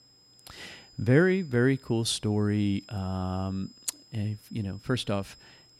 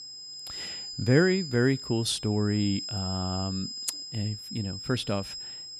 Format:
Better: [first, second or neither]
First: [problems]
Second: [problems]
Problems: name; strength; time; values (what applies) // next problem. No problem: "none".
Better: first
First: high-pitched whine; faint; throughout; 5 kHz, 25 dB below the speech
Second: high-pitched whine; loud; throughout; 5 kHz, 8 dB below the speech